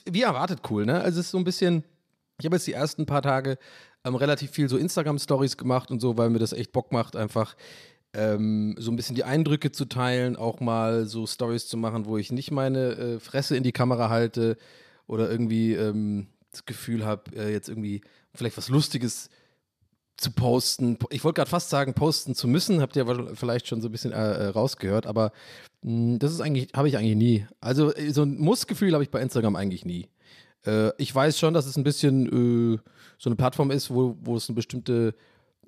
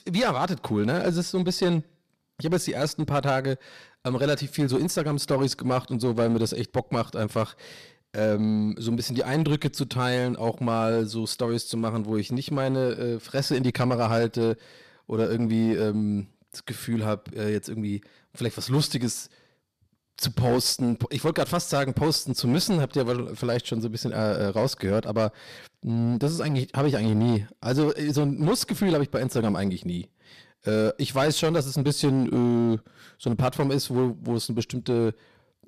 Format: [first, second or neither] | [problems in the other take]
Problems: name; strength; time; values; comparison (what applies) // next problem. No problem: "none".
first | distortion; slight; 7% of the sound clipped